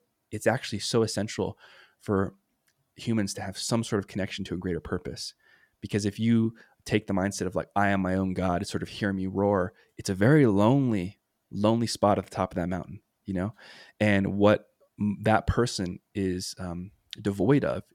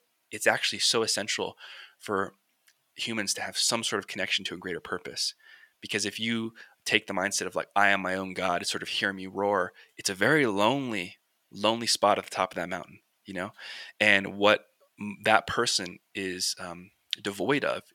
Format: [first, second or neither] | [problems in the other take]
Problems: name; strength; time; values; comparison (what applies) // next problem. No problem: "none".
first | thin; somewhat; fading below 1 kHz